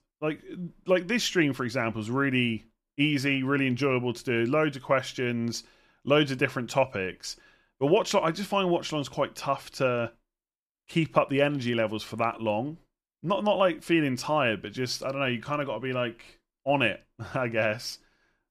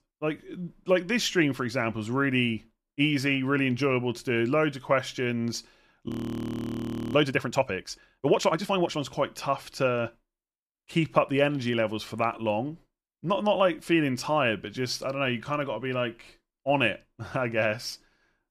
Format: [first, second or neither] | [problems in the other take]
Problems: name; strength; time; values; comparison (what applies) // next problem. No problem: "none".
first | audio freezing; at 6 s for 1 s